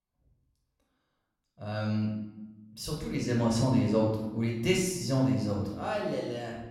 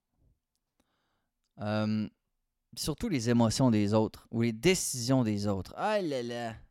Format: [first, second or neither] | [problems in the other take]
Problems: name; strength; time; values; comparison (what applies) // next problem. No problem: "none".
second | off-mic speech; far // room echo; noticeable; dies away in 0.8 s